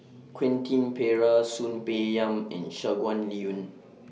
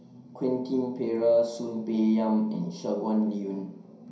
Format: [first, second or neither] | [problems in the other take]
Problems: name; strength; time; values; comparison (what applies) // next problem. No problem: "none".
first | room echo; dies away in 0.5 s